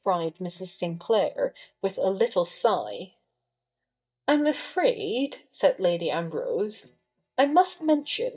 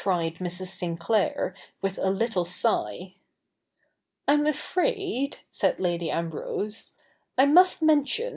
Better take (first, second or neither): second